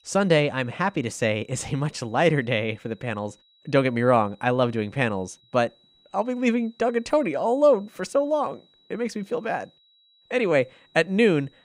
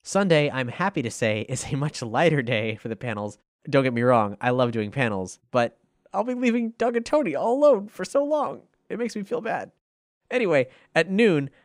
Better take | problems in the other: second | high-pitched whine; faint; throughout; 4 kHz, 35 dB below the speech

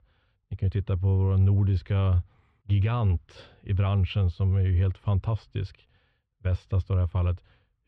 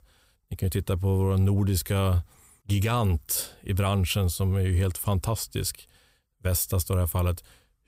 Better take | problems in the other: second | muffled; very; fading above 3.5 kHz

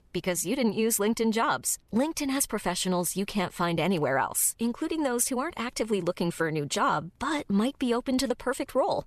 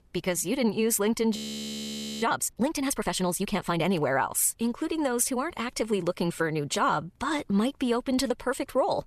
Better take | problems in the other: first | audio freezing; at 1.5 s for 1 s

